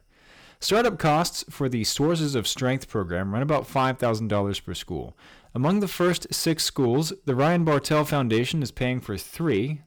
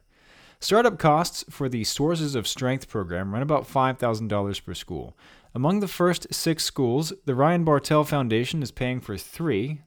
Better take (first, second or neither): second